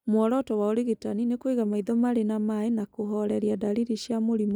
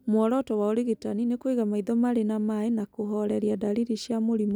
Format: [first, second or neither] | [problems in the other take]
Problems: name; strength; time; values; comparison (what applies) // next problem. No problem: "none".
second | noise reduction (neural mask model Resemble Enhance denoiser)